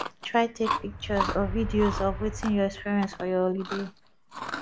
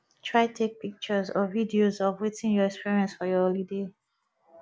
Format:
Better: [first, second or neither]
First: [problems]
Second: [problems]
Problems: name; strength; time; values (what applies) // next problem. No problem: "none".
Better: second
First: background sound (Chewing, mastication + Motor vehicle (road)); 6 dB below the speech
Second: none